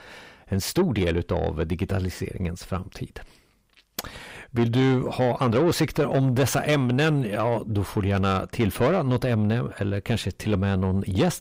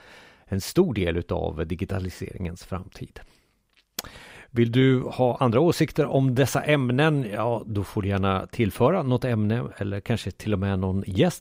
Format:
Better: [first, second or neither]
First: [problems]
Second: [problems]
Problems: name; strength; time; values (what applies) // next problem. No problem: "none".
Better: second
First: distortion; slight; 10 dB below the speech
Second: none